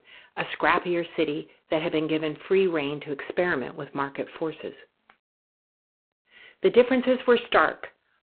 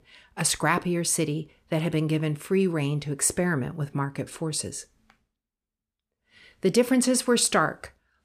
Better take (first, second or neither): second